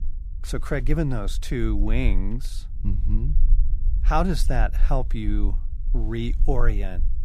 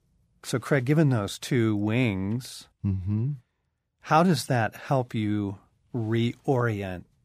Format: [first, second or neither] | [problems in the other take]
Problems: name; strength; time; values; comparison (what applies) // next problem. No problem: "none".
second | low rumble; faint; throughout; 20 dB below the speech